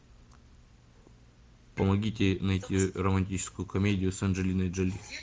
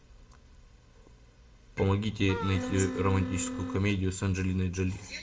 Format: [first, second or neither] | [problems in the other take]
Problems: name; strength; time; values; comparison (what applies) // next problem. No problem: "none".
first | background sound (Wind instrument, woodwind instrument); 5 dB below the speech // room echo; dies away in 0.5 s